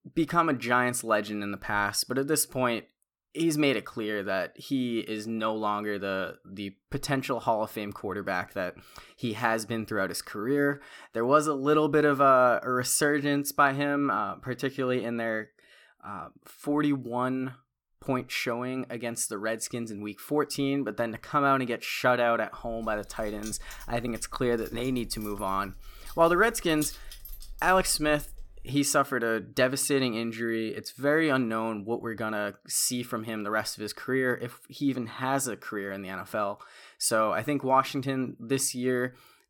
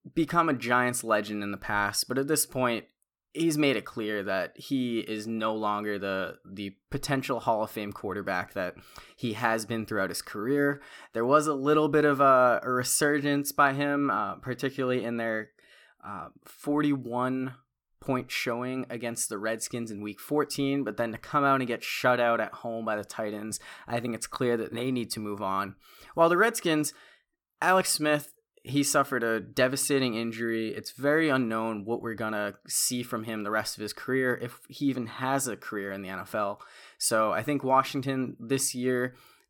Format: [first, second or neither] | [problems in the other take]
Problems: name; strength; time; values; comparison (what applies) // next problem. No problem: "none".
second | jangling keys; faint; from 23 to 29 s; peak 10 dB below the speech